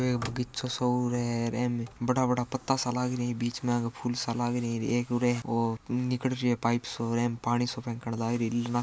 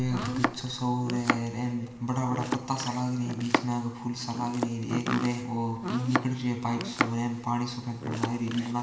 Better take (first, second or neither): first